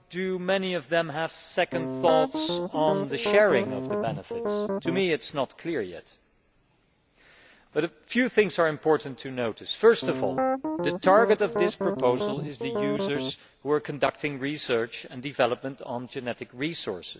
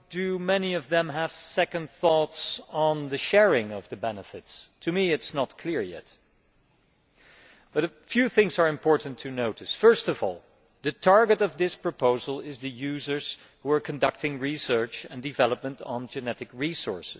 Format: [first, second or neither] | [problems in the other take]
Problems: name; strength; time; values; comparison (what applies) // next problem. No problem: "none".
second | background sound (Piano); 2 dB below the speech